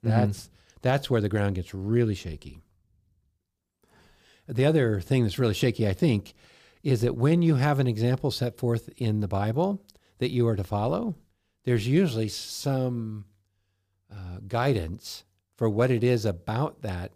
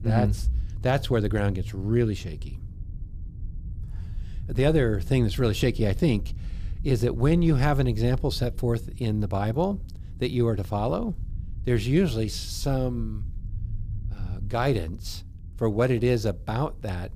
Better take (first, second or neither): first